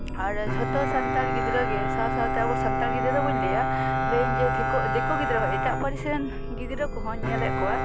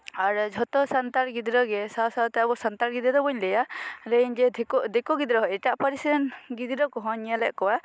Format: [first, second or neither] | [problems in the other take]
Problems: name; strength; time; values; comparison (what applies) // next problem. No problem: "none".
second | background sound (Bowed string instrument + Chime); 4 dB above the speech